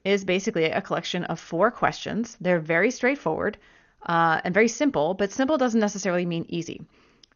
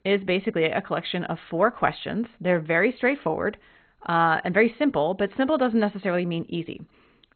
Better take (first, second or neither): first